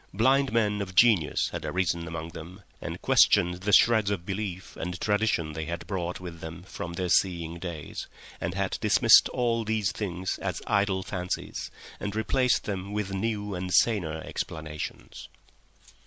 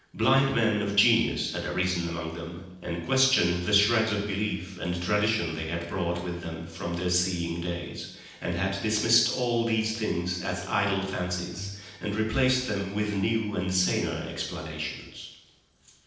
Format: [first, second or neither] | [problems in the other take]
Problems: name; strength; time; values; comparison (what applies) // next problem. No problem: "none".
first | noise reduction (neural separator model SepFormer DNS4)